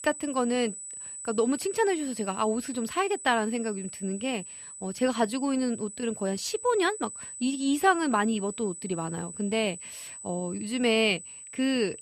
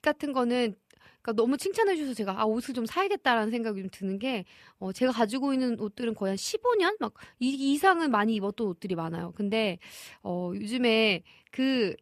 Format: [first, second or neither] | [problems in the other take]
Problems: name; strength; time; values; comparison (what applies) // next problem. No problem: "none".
second | high-pitched whine; noticeable; throughout; 8 kHz, 10 dB below the speech